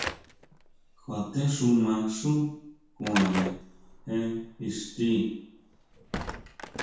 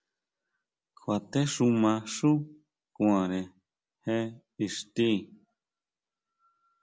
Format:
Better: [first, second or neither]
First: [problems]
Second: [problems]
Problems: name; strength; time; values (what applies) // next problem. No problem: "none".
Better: second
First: background sound (Slam / Wood); 10 dB below the speech // room echo; dies away in 0.6 s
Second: none